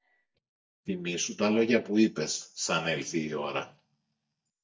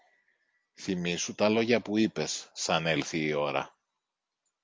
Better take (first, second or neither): second